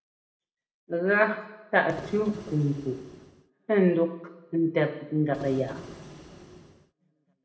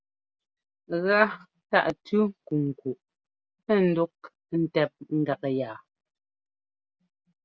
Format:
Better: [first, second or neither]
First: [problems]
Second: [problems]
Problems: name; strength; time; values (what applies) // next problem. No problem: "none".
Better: second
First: background sound (Printer); 15 dB below the speech // room echo; dies away in 0.8 s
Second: none